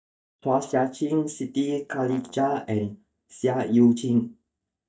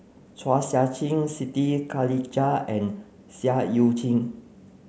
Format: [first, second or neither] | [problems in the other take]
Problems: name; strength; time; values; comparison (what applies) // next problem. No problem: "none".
second | noise reduction (neural mask model DeepFilterNet 3)